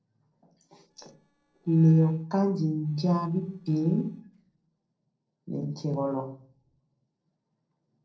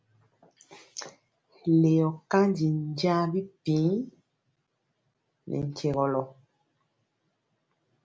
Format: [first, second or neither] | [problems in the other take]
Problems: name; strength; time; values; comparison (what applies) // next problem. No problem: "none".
second | noise reduction (neural separator model SepFormer DNS4)